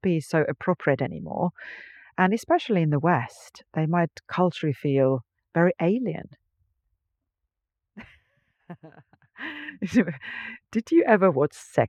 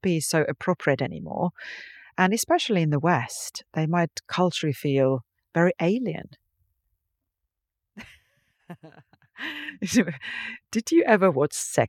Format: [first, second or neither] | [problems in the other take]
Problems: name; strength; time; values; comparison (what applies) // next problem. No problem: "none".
second | muffled; slightly; fading above 3.5 kHz